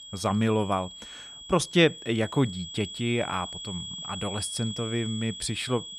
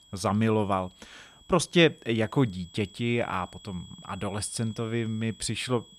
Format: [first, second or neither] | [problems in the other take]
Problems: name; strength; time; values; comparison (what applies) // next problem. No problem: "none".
second | high-pitched whine; loud; throughout; 3.5 kHz, 10 dB below the speech; faint in the second